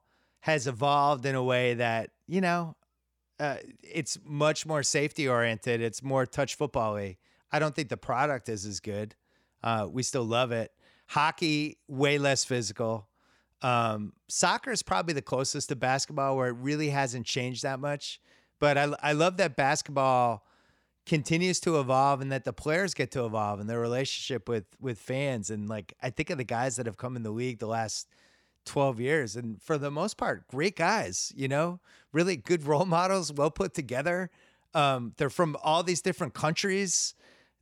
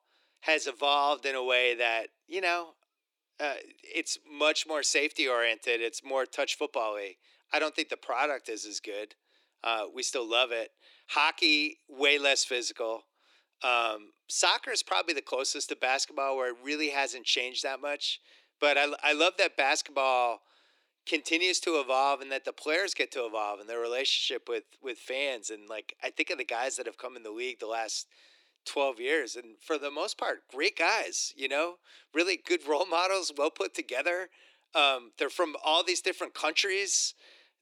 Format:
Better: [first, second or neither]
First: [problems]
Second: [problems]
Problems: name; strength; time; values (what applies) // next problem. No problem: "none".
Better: first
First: none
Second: thin; somewhat; fading below 300 Hz